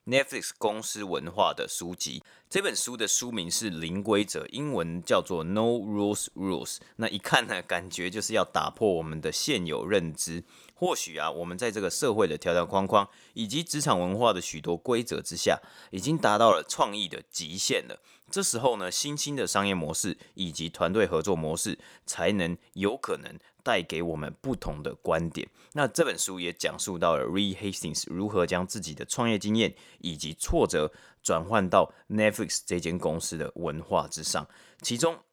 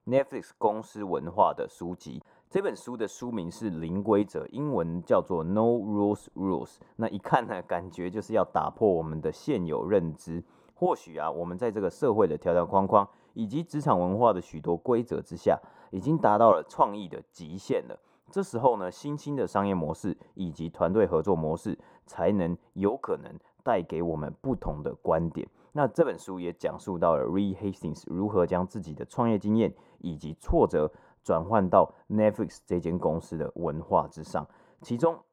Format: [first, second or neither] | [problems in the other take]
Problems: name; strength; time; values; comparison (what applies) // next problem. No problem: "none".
first | muffled; very; fading above 1.5 kHz